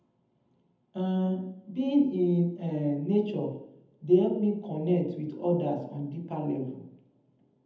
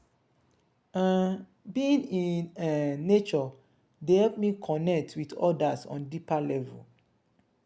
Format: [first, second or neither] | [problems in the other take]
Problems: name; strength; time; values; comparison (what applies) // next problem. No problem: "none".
second | room echo; dies away in 0.8 s